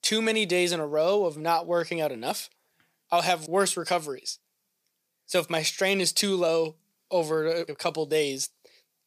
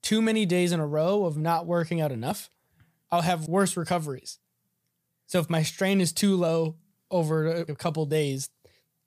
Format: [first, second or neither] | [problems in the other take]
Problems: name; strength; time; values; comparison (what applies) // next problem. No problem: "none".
second | thin; somewhat; fading below 350 Hz